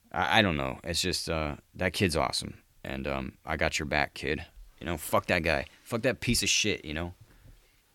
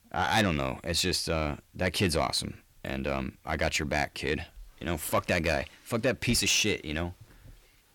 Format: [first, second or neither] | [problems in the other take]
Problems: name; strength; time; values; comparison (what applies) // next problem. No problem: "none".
first | distortion; slight; 10 dB below the speech